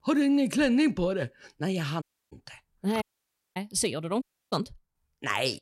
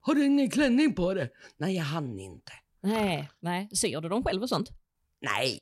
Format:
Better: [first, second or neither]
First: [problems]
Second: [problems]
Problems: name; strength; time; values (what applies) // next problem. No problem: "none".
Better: second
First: audio cutting out; at 2 s, at 3 s for 0.5 s and at 4 s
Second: none